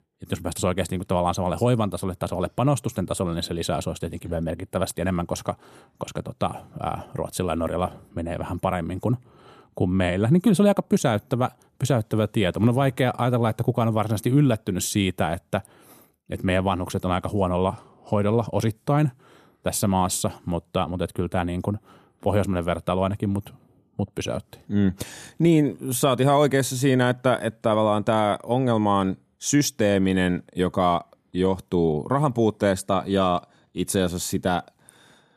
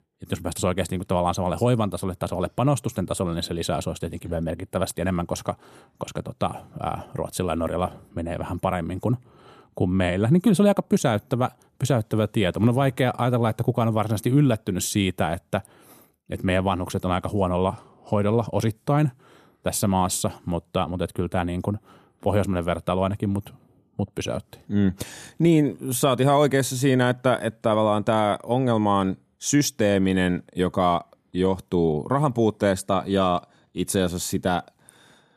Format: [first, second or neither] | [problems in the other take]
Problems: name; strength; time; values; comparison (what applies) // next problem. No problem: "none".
neither | none